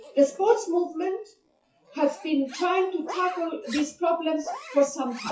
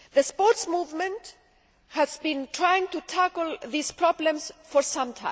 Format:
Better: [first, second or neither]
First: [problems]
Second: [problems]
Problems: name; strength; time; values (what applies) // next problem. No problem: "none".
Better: second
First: noise reduction (classical method WPE with log-MMSE)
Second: none